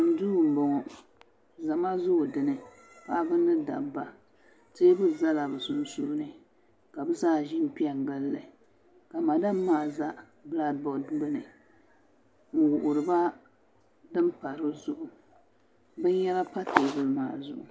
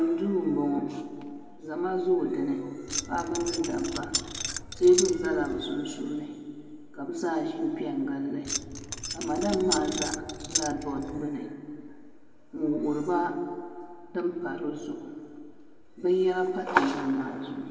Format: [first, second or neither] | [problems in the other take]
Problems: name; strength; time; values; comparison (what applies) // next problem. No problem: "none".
first | background sound (Keys jangling); 5 dB below the speech // room echo; dies away in 1.8 s